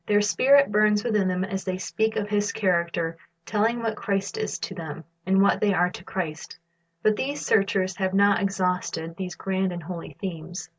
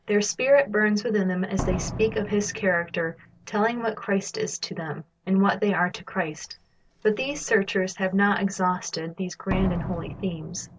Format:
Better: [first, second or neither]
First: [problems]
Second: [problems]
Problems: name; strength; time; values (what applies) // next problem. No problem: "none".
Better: first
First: none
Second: background sound (Slam); 12 dB below the speech